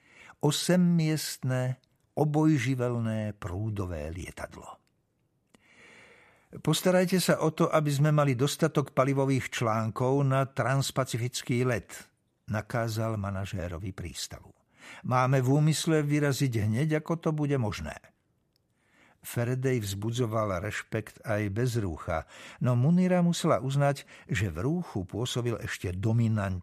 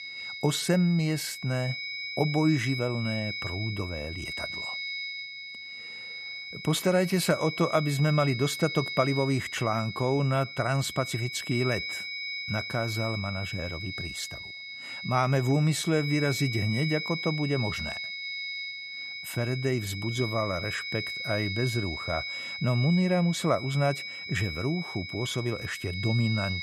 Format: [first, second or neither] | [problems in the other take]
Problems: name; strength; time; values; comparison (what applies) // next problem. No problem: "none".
first | high-pitched whine; loud; throughout; 2 kHz, 6 dB below the speech